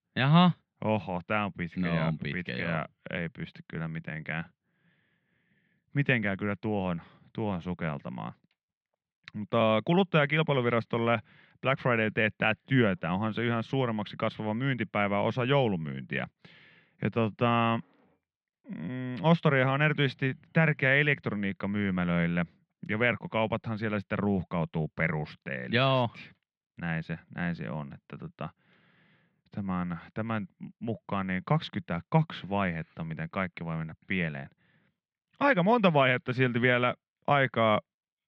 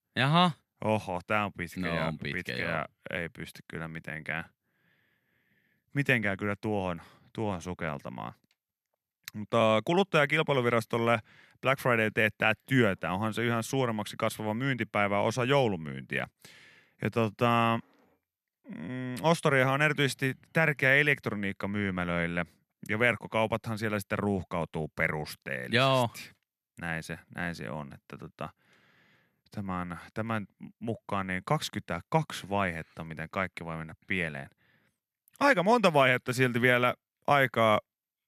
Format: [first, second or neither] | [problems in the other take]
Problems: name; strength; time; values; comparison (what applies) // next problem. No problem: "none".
second | muffled; slightly; fading above 3.5 kHz